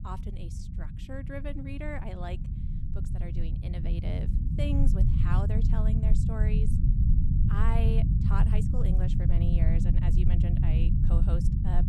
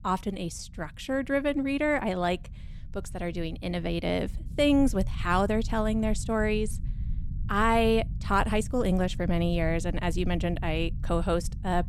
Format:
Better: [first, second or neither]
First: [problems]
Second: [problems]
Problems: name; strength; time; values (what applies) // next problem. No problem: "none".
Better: second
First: low rumble; loud; throughout; as loud as the speech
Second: low rumble; faint; throughout; 25 dB below the speech